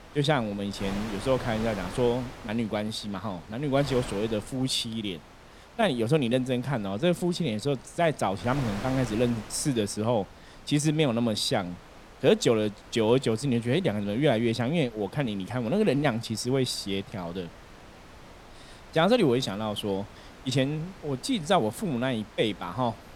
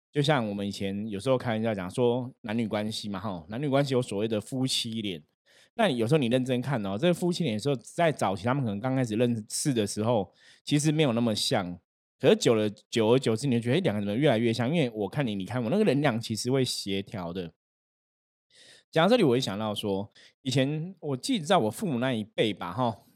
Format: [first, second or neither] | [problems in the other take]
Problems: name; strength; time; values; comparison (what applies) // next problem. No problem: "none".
second | wind noise on the microphone; occasional gusts; 15 dB below the speech